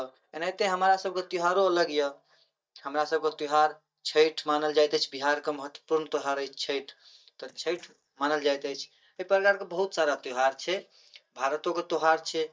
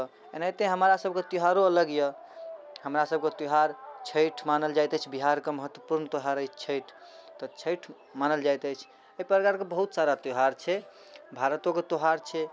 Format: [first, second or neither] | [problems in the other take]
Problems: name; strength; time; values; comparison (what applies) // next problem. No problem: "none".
second | noise reduction (neural mask model DeepFilterNet 3)